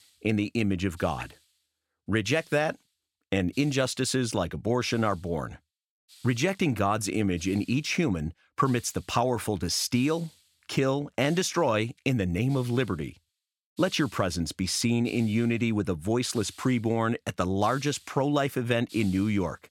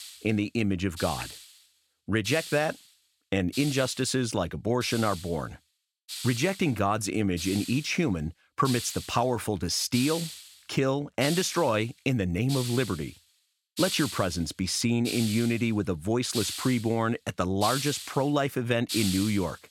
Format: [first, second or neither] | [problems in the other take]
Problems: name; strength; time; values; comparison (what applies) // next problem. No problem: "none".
first | hiss; loud; throughout; 8 dB below the speech; faint in the first